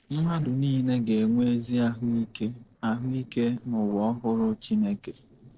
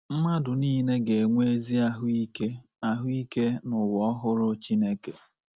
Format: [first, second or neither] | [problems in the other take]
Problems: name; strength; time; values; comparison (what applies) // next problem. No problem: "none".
second | noise reduction (neural separator model SepFormer DNS4)